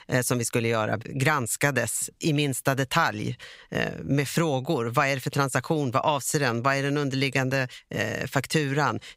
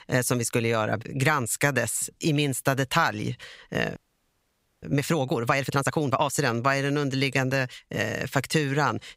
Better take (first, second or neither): first